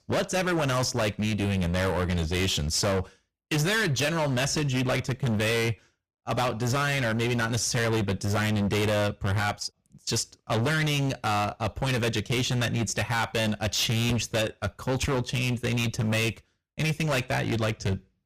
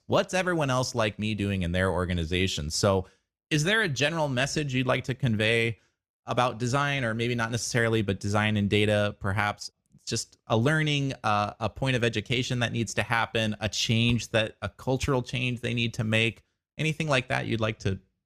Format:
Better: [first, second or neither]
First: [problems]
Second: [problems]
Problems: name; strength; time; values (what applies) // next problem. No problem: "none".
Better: second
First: distortion; heavy; 25% of the sound clipped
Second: none